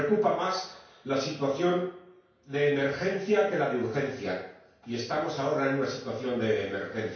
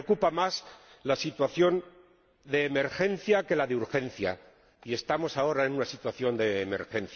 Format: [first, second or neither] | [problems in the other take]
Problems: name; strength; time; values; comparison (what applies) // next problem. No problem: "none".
second | room echo; dies away in 0.5 s